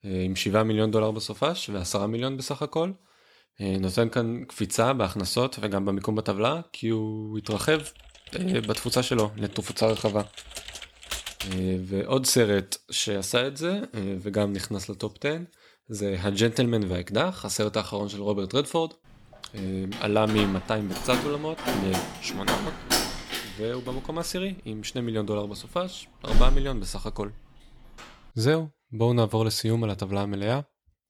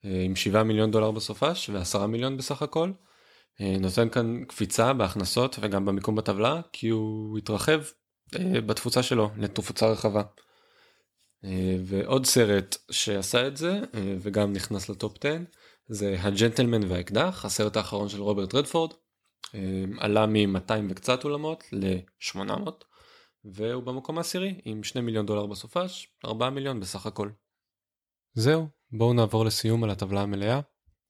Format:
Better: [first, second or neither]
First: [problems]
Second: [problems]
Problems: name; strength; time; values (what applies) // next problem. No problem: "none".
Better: second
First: keyboard typing; noticeable; from 7.5 to 12 s; peak 5 dB below the speech // door banging; loud; from 20 to 27 s; peak 3 dB above the speech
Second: none